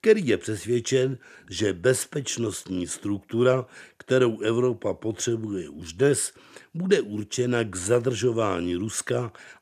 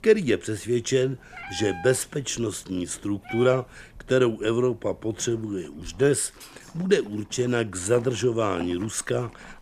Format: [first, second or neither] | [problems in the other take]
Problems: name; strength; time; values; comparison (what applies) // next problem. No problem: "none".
first | animal sounds; noticeable; throughout; 20 dB below the speech